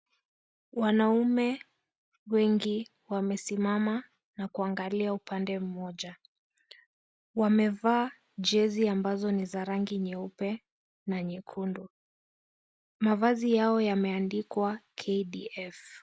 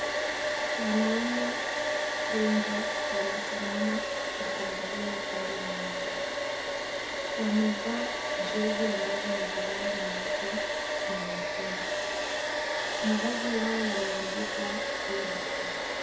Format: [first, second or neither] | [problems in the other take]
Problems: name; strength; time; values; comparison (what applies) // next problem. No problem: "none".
first | background sound (Domestic sounds, home sounds); 3 dB above the speech // room echo; dies away in 0.6 s